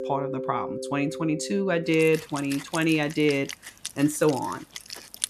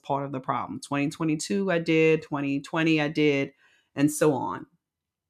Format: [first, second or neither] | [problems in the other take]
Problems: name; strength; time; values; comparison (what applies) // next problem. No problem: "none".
second | background music; noticeable; throughout; 10 dB below the speech